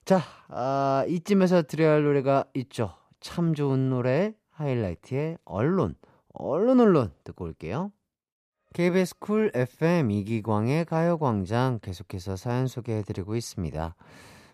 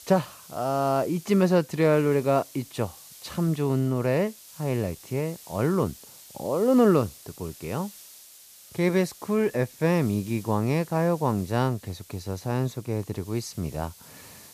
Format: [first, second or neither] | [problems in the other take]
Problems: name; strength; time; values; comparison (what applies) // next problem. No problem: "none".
first | hiss; noticeable; throughout; 20 dB below the speech